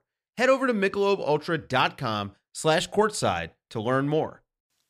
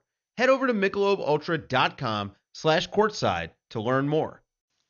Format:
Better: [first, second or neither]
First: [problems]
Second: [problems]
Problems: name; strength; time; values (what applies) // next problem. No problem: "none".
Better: first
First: none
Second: garbled, watery; slightly; nothing above 6.5 kHz